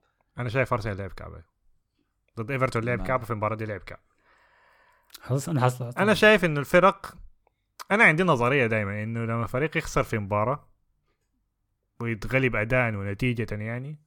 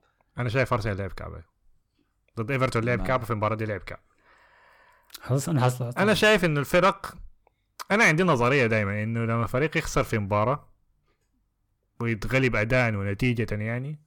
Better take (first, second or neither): first